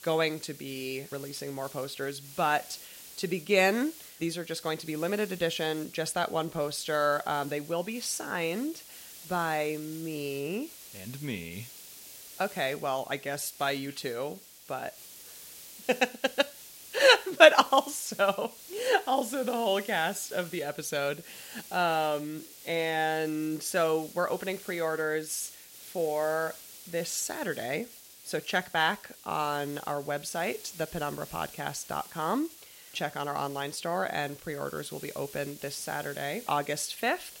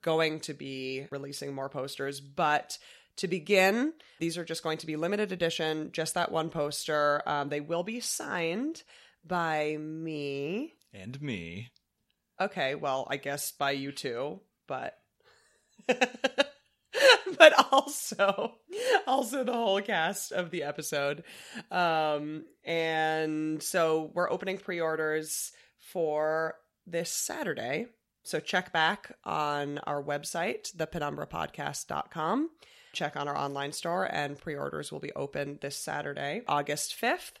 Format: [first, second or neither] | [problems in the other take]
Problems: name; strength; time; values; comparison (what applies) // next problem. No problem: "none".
second | hiss; noticeable; throughout; 15 dB below the speech